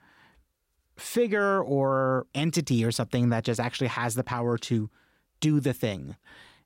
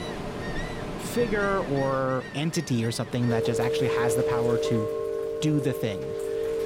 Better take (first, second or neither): first